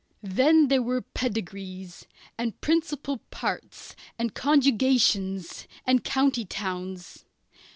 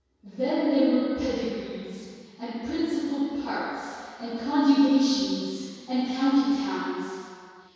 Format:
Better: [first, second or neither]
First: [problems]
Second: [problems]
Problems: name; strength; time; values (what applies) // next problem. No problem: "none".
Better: first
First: none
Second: room echo; dies away in 2.2 s